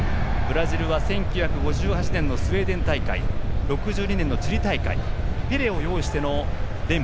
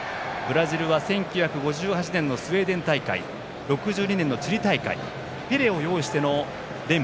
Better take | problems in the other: second | background sound (Thunder); 4 dB above the speech

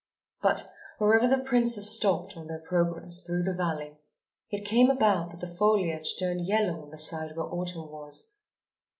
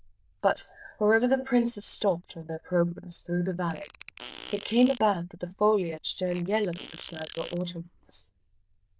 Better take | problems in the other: first | noise reduction (neural diffusion model UNIVERSE++)

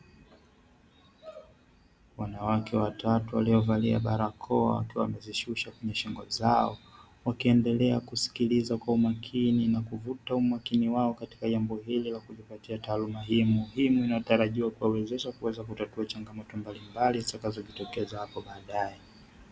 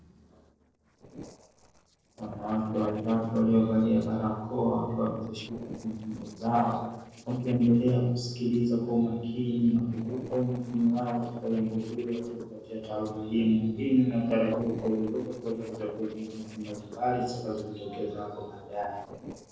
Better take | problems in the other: first | noise reduction (neural separator model SepFormer DNS4)

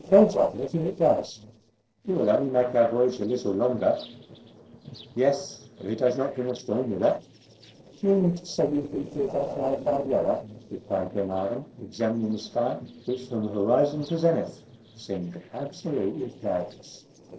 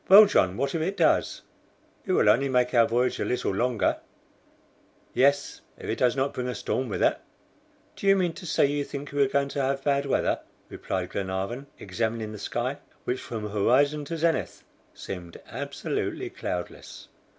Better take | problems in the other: second | noise reduction (neural separator model SepFormer DNS4)

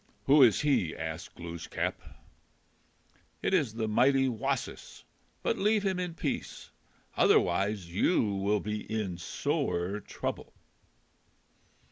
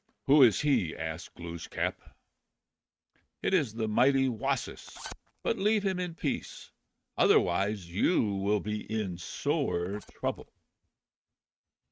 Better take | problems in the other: first | noise reduction (neural mask model RNNoise)

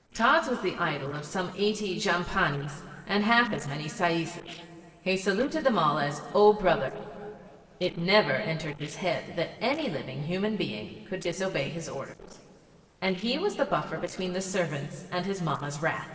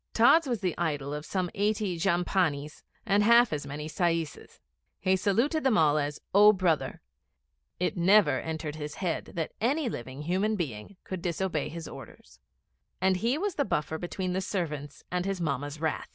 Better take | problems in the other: second | noise reduction (neural separator model SepFormer DNS4)

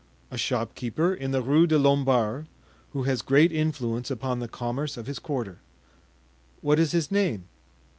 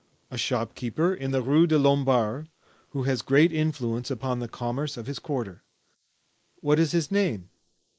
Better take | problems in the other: first | noise reduction (neural mask model Resemble Enhance denoiser)

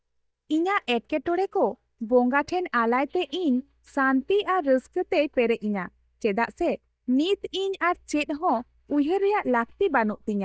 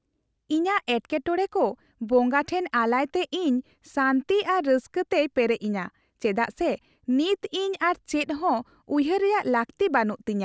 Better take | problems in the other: second | noise reduction (neural mask model DeepFilterNet 3)

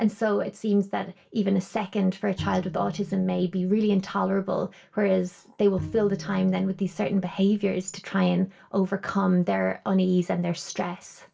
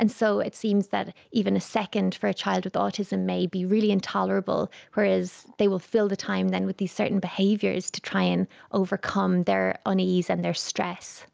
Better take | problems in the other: second | background sound (Bowed string instrument); 15 dB below the speech // room echo; dies away in 0.2 s

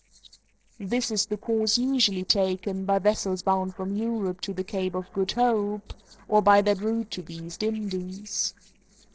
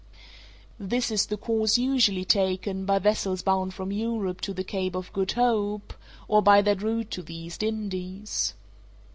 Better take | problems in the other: second | noise reduction (neural separator model SepFormer DNS4)

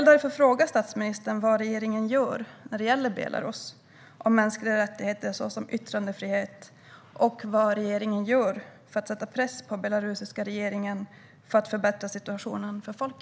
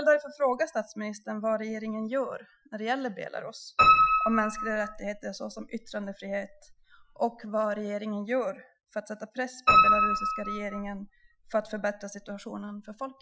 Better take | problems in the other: first | noise reduction (classical method Wiener filter)

